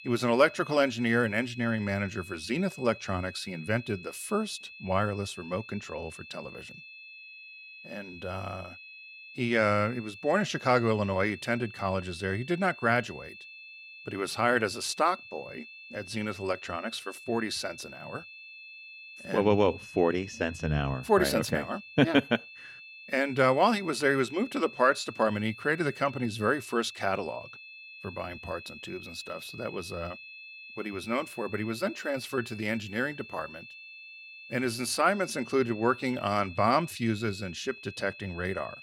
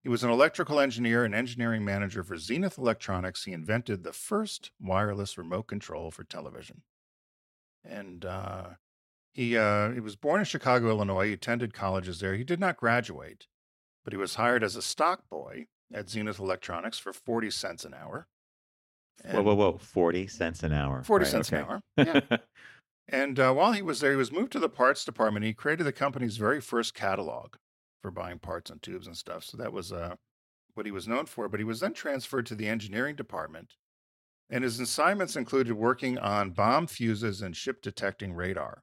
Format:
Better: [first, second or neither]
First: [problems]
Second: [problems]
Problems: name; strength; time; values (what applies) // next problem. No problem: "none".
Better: second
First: high-pitched whine; noticeable; throughout; 2.5 kHz, 15 dB below the speech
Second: none